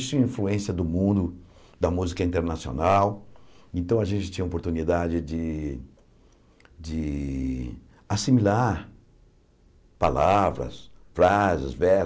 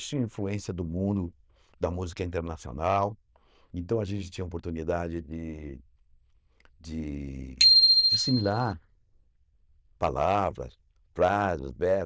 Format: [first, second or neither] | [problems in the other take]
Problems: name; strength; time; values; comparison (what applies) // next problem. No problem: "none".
first | noise reduction (neural diffusion model UNIVERSE++)